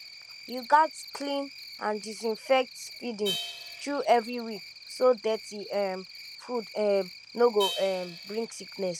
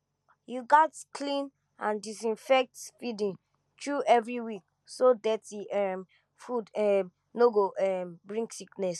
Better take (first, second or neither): second